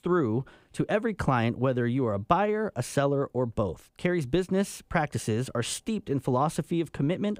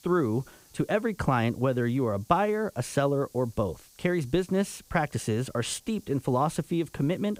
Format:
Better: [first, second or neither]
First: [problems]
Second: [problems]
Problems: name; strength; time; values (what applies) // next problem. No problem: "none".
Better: first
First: none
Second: hiss; faint; throughout; 25 dB below the speech